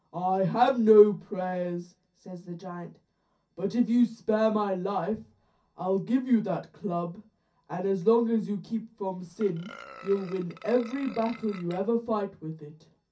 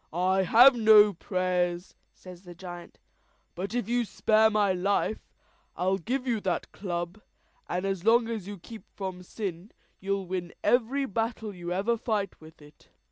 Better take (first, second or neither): second